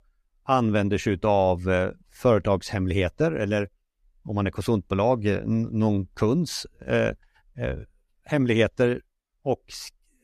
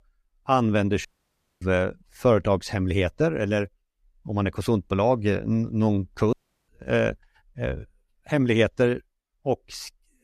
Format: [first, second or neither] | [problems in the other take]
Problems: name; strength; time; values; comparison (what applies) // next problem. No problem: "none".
first | audio cutting out; at 1 s for 0.5 s and at 6.5 s